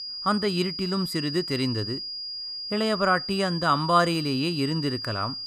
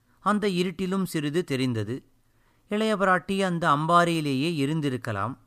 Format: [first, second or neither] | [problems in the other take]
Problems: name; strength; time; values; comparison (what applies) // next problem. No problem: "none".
second | high-pitched whine; loud; throughout; 5 kHz, 6 dB below the speech